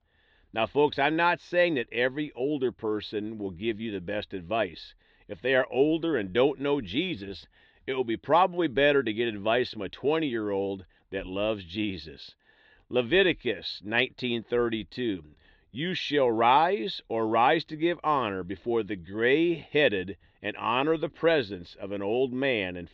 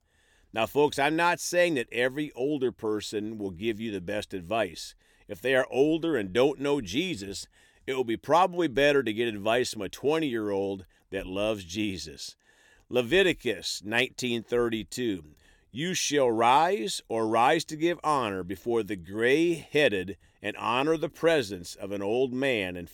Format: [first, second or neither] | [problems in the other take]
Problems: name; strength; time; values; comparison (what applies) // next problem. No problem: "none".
second | muffled; slightly; fading above 4 kHz